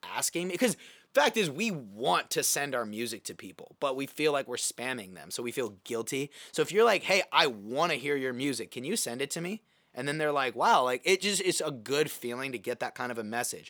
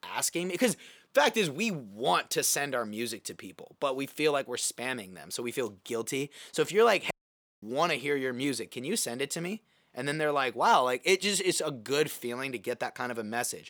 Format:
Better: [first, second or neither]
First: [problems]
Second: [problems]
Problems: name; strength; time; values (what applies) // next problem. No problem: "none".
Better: first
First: none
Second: audio cutting out; at 7 s for 0.5 s